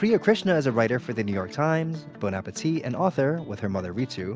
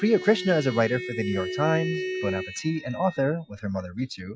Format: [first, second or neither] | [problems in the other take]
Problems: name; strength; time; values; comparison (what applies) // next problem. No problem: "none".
first | noise reduction (classical method Wiener filter)